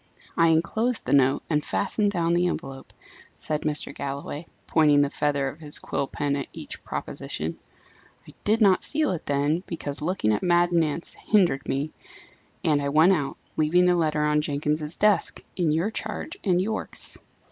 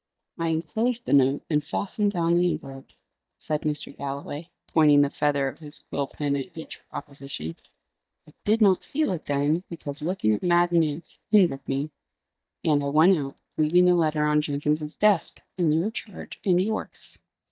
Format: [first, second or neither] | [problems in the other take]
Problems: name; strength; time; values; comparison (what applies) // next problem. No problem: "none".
first | noise reduction (neural mask model DeepFilterNet 3)